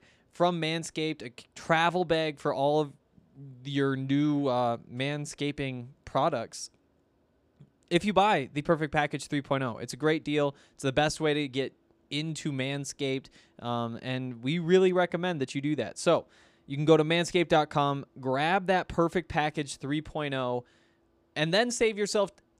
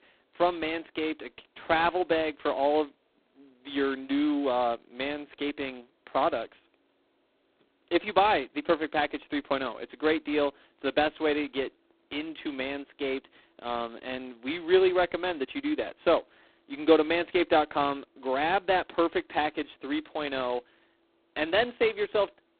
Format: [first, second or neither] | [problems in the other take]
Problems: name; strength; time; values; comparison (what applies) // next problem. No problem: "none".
first | phone-call audio; poor line; nothing above 4 kHz